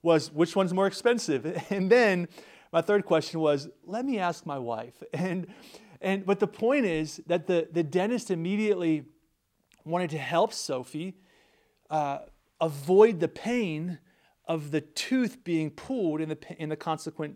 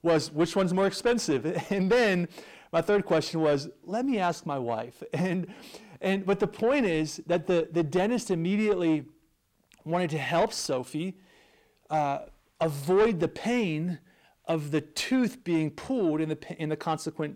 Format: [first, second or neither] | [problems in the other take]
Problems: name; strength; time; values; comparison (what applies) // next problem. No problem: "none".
first | distortion; slight; 10 dB below the speech